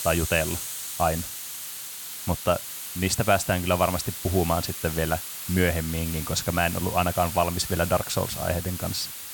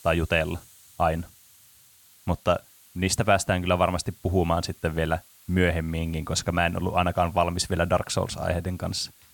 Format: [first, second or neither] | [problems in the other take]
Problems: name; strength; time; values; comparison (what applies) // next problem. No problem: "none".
second | hiss; loud; throughout; 6 dB below the speech; faint in the second